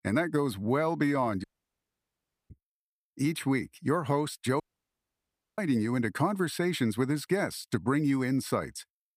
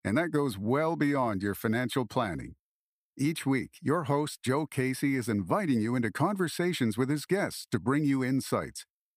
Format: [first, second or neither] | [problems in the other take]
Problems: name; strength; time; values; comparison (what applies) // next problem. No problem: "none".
second | audio cutting out; at 1.5 s for 1 s and at 4.5 s for 1 s